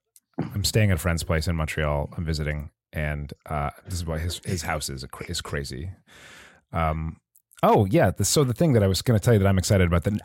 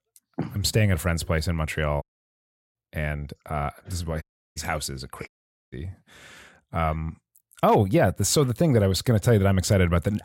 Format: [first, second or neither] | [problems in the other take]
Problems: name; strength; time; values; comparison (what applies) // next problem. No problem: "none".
first | audio cutting out; at 2 s for 0.5 s, at 4 s and at 5.5 s